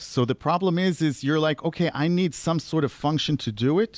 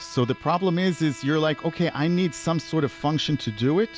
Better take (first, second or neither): first